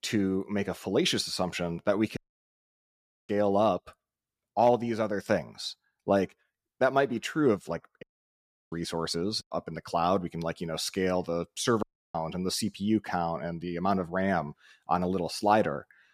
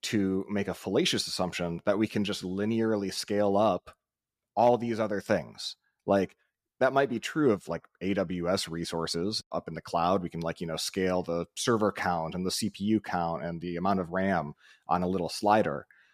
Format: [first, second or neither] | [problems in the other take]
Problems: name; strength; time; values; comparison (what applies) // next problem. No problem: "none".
second | audio cutting out; at 2 s for 1 s, at 8 s for 0.5 s and at 12 s